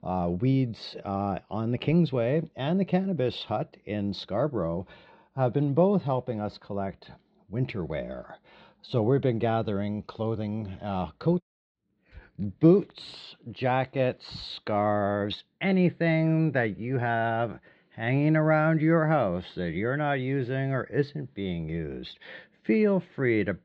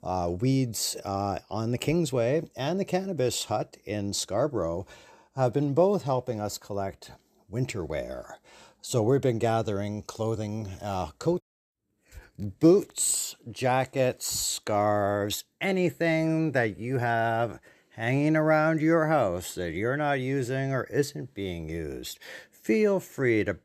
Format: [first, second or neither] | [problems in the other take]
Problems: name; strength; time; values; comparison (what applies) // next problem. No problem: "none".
second | muffled; slightly; fading above 4 kHz